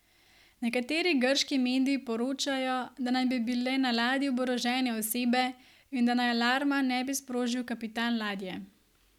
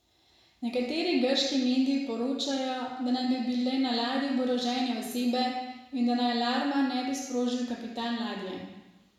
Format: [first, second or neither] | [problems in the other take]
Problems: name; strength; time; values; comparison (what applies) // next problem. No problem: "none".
first | room echo; dies away in 1 s